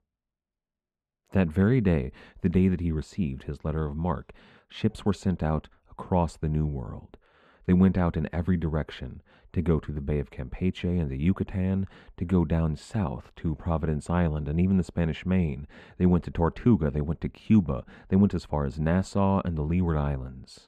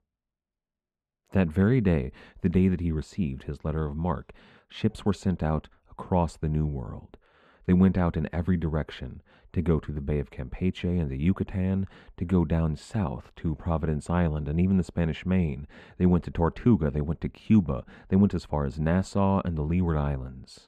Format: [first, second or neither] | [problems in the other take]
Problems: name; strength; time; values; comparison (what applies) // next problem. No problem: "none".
neither | muffled; very; fading above 4 kHz; the same in both